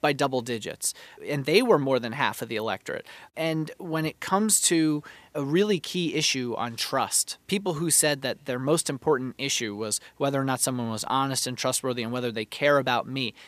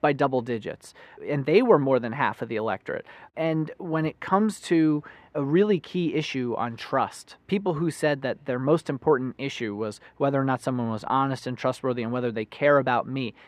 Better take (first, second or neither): first